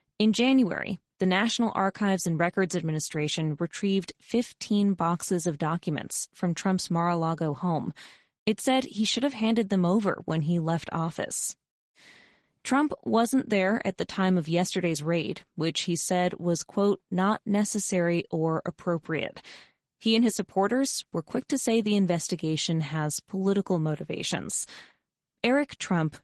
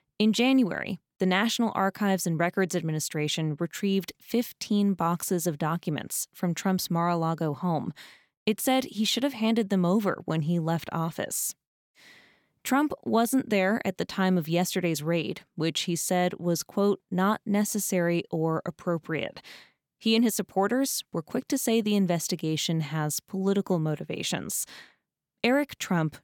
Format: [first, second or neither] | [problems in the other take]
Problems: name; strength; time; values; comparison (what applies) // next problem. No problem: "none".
second | garbled, watery; slightly; nothing above 12 kHz